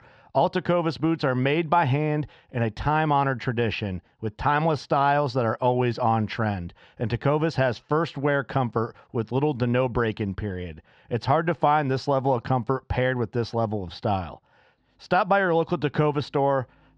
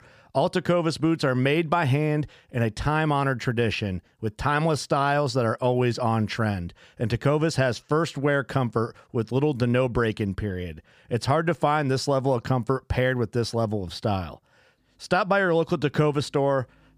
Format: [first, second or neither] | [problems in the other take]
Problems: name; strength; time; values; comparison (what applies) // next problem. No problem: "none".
second | muffled; very slightly; fading above 4.5 kHz